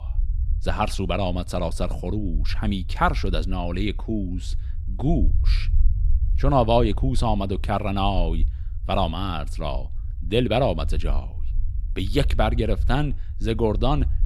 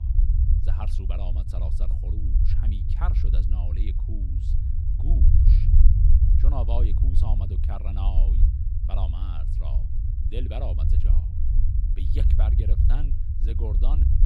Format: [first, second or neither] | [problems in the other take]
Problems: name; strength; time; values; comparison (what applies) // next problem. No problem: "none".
first | low rumble; loud; throughout; 1 dB below the speech; faint in the first